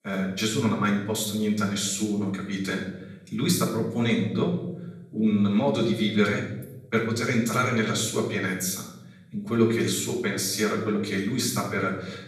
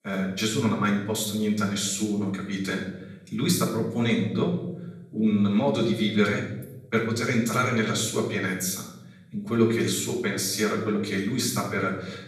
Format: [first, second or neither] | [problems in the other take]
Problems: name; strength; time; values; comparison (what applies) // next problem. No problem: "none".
neither | off-mic speech; far; the same in both // room echo; noticeable; dies away in 0.8 s; the same in both